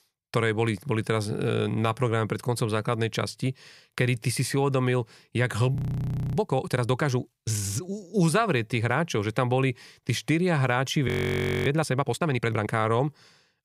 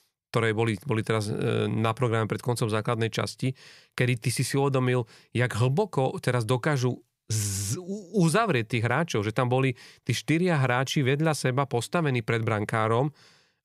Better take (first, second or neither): second